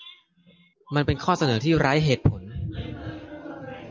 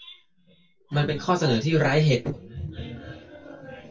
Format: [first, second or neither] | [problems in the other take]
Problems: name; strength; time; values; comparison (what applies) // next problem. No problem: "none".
first | noise reduction (neural separator model SepFormer DNS4)